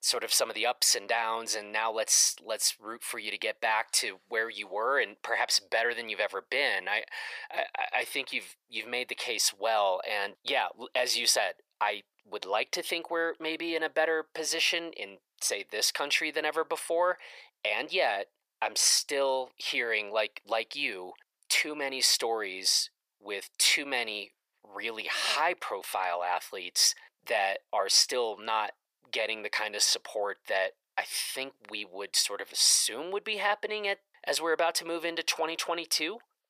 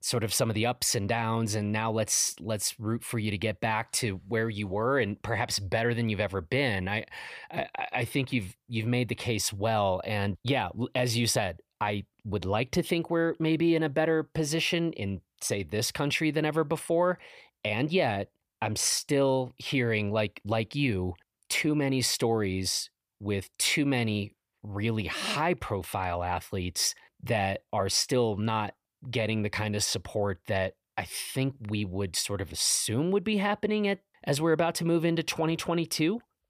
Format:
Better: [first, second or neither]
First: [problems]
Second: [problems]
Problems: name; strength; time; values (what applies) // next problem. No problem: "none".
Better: second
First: thin; very; fading below 550 Hz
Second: none